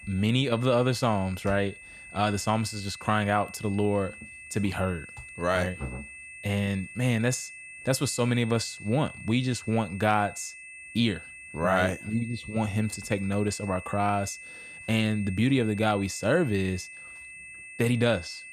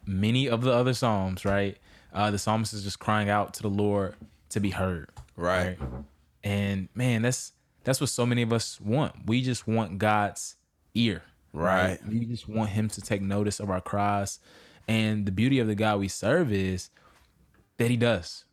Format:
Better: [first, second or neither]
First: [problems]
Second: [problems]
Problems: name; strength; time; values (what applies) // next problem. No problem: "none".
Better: second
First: high-pitched whine; noticeable; throughout; 2.5 kHz, 15 dB below the speech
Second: none